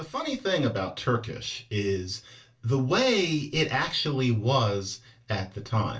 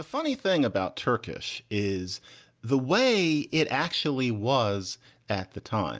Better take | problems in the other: second | room echo; dies away in 0.2 s

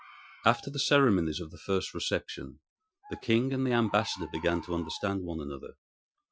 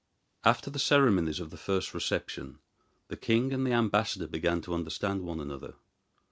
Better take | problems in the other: second | noise reduction (classical method Wiener filter)

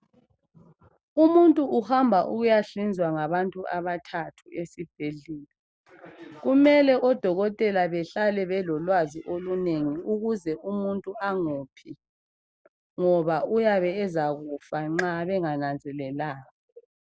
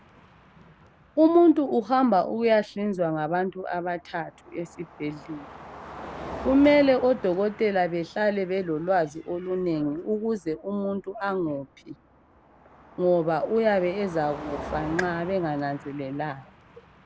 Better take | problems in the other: first | background sound (Car passing by); 18 dB below the speech

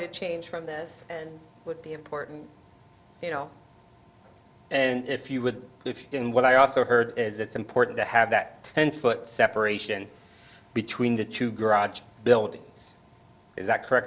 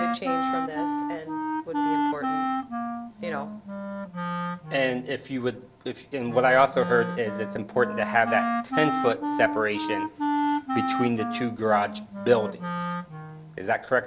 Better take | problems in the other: first | background sound (Wind instrument, woodwind instrument); 2 dB below the speech

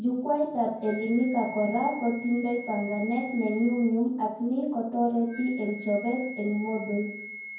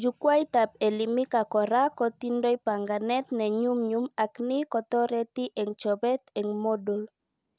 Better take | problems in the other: second | background sound (Wind instrument, woodwind instrument); 15 dB below the speech // room echo; dies away in 0.9 s

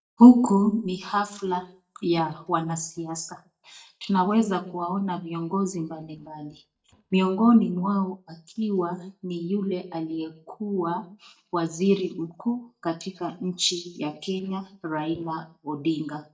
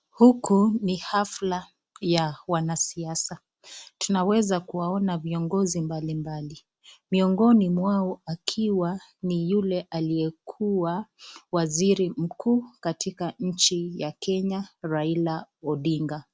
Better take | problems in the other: second | noise reduction (neural mask model DeepFilterNet 3)

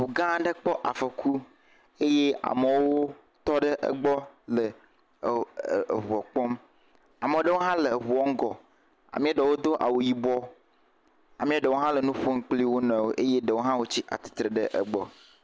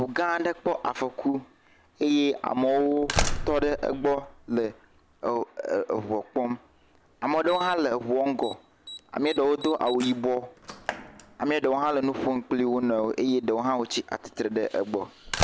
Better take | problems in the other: first | background sound (Slam); 10 dB below the speech

